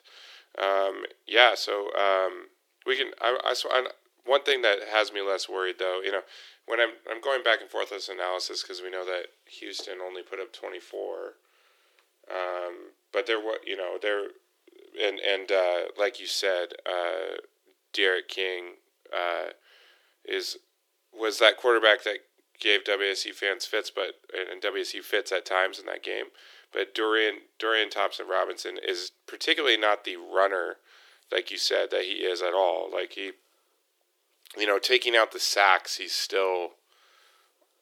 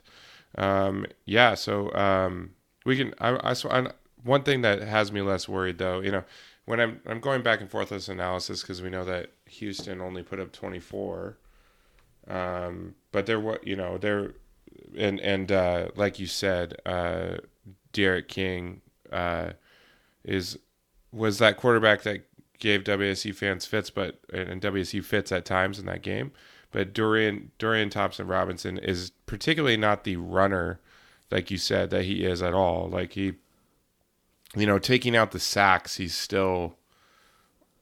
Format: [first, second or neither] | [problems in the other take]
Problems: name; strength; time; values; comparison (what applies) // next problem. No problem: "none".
second | thin; very; fading below 350 Hz